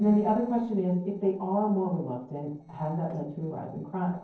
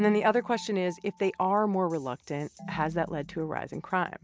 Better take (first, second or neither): second